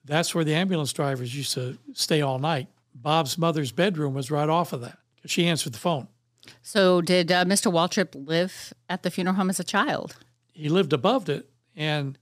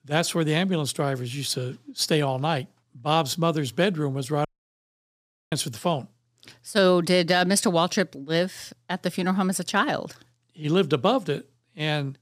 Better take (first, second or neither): first